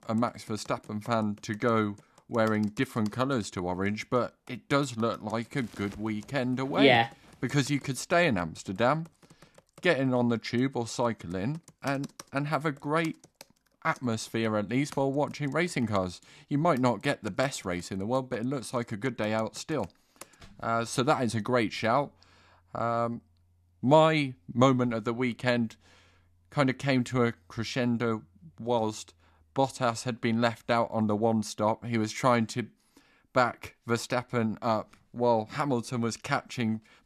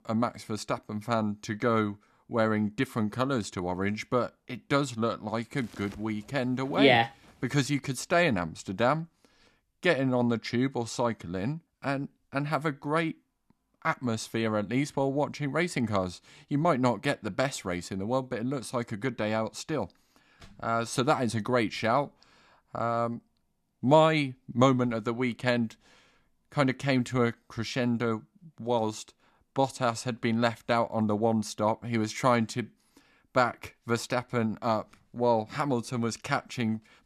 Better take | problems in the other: second | household noises; faint; throughout; 25 dB below the speech

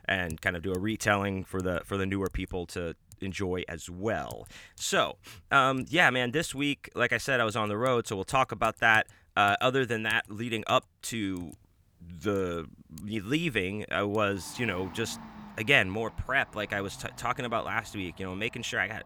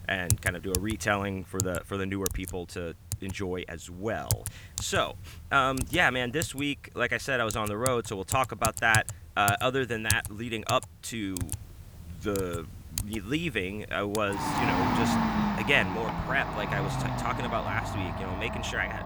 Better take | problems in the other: first | household noises; loud; throughout; 3 dB below the speech; faint in the first

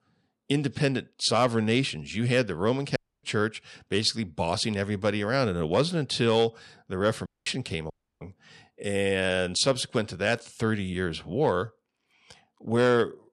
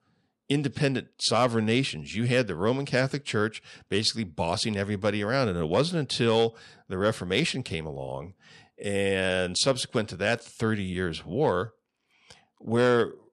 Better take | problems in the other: second | audio cutting out; at 3 s, at 7.5 s and at 8 s

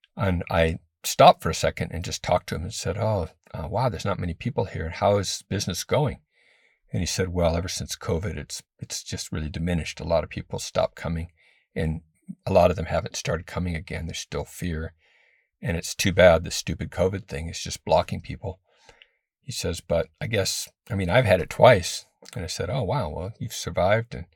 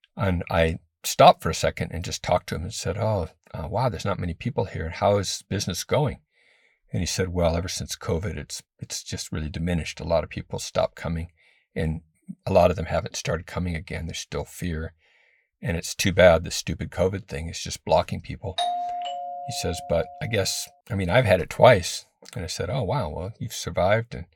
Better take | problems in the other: first | doorbell; noticeable; from 19 to 20 s; peak 2 dB below the speech

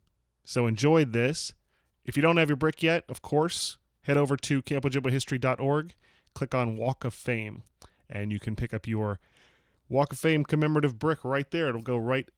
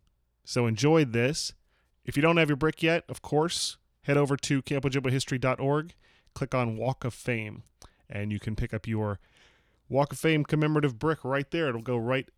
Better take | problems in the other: second | garbled, watery; slightly

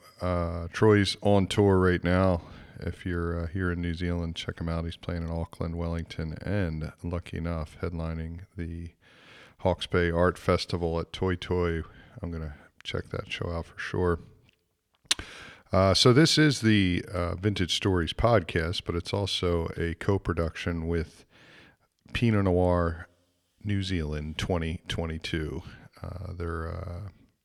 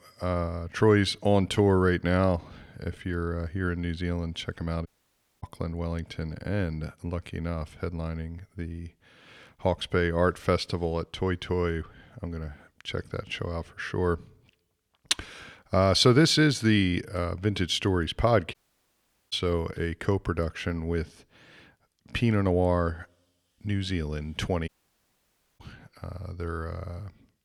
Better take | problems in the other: first | audio cutting out; at 5 s for 0.5 s, at 19 s for 1 s and at 25 s for 1 s

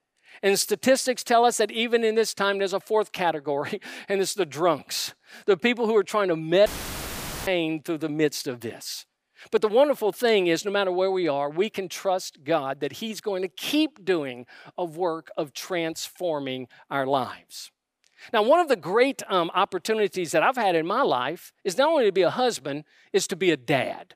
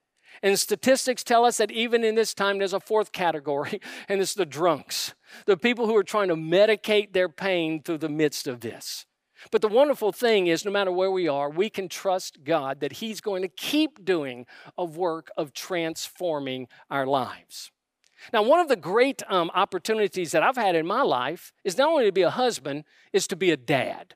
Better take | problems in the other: second | audio cutting out; filled with static; at 6.5 s for 1 s

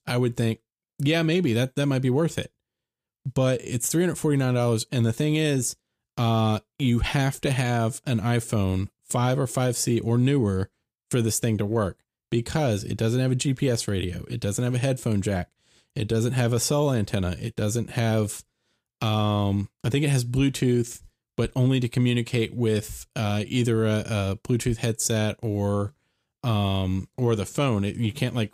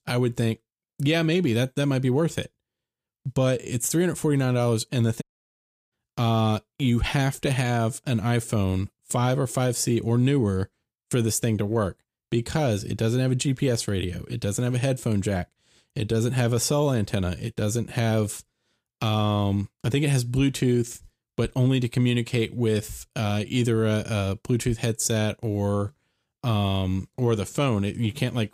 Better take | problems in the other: first | audio cutting out; at 5 s for 0.5 s

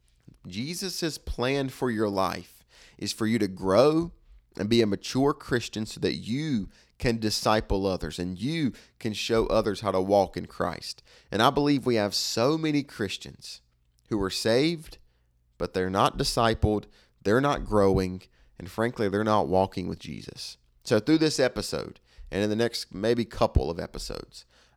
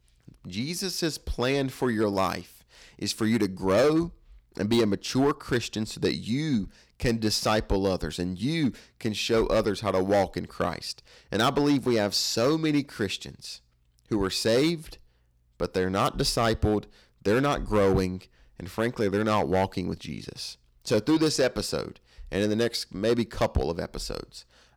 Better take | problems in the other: first | distortion; slight; 4% of the sound clipped

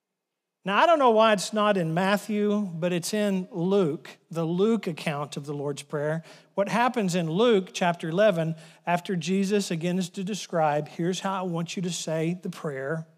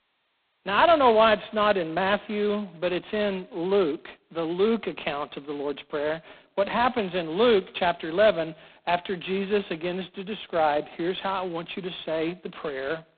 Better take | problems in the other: first | phone-call audio; poor line; nothing above 4 kHz

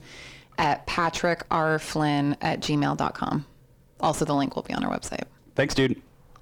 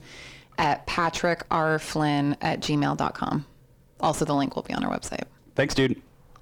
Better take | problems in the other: neither | distortion; slight; 10 dB below the speech; the same in both

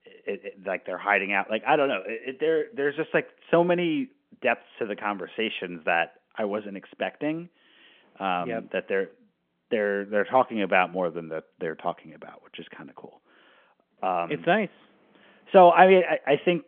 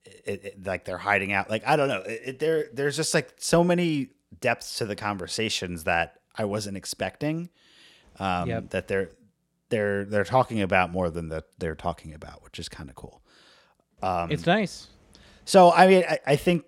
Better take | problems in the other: second | phone-call audio

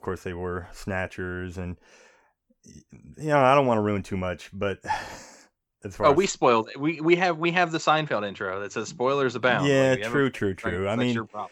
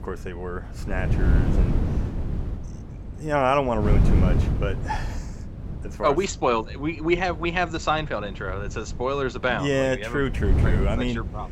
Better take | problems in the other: first | wind noise on the microphone; occasional gusts; 10 dB below the speech

